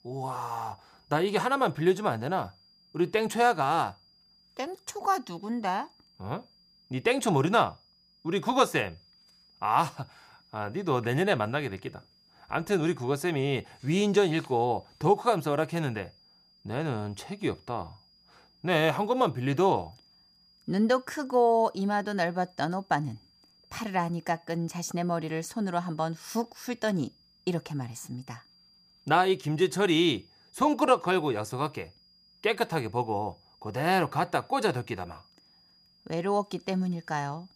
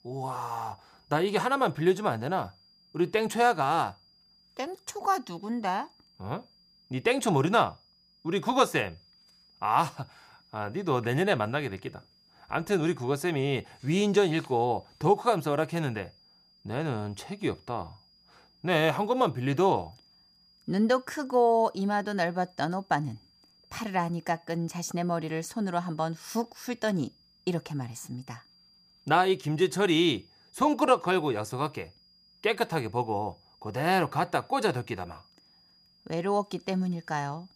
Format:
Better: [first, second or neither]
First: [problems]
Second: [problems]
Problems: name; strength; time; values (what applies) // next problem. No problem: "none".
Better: neither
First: high-pitched whine; faint; throughout; 5 kHz, 30 dB below the speech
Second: high-pitched whine; faint; throughout; 5 kHz, 30 dB below the speech